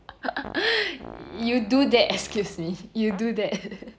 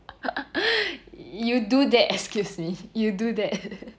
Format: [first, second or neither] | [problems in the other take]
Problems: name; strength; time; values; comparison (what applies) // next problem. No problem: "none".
second | background sound (Fart); 18 dB below the speech